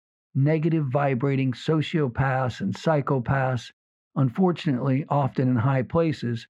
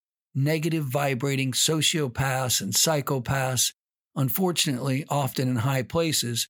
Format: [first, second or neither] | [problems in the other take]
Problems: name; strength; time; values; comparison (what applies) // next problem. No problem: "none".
second | muffled; very; fading above 1.5 kHz